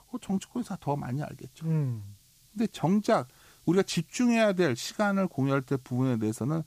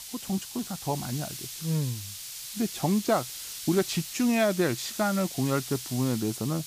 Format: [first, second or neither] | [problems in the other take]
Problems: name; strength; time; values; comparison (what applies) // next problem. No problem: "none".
first | hiss; loud; throughout; 8 dB below the speech; faint in the first